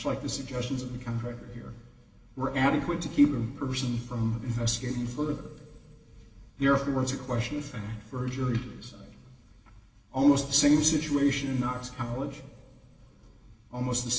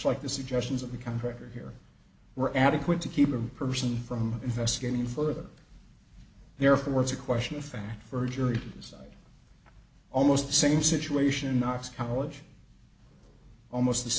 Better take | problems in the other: second | room echo; dies away in 1.9 s

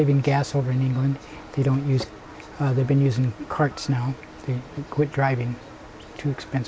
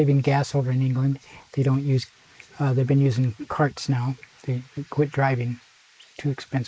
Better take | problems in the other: first | noise reduction (neural mask model Resemble Enhance denoiser)

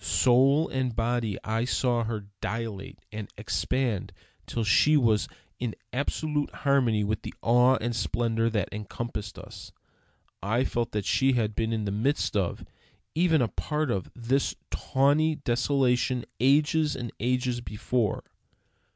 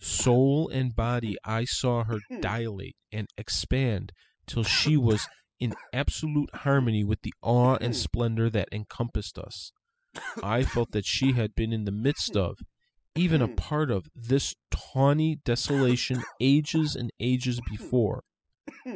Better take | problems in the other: first | noise reduction (classical method spectral subtraction)

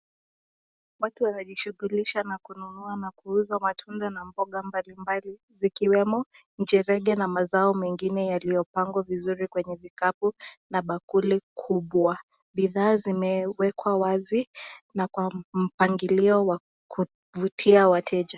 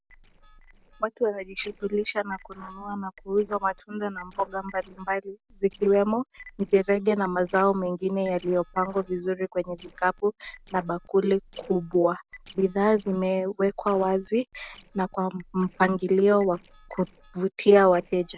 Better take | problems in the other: first | noise reduction (neural separator model SepFormer DNS4)

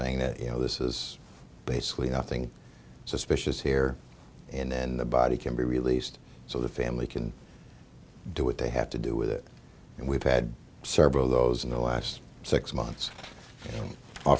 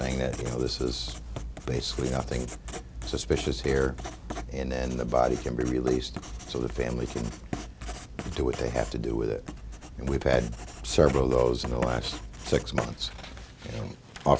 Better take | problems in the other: first | background sound (Writing); 9 dB below the speech

